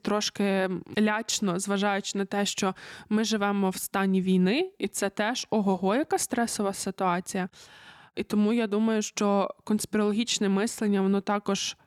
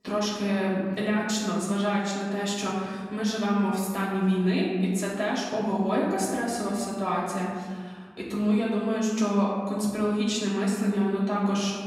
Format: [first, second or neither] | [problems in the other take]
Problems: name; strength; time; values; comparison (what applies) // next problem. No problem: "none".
first | room echo; noticeable; dies away in 1.5 s // off-mic speech; far